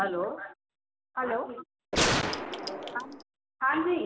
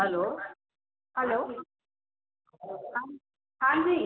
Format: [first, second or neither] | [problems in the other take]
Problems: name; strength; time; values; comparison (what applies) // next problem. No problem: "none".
second | background sound (Gunshot, gunfire); 3 dB above the speech